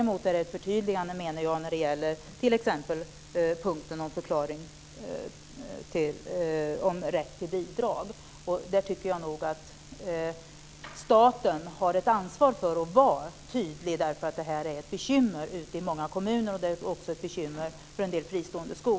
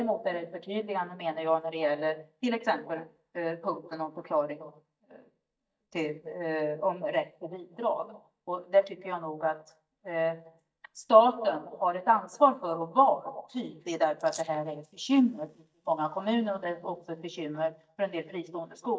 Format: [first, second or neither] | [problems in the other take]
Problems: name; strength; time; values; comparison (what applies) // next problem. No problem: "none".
first | noise reduction (neural mask model DeepFilterNet 3)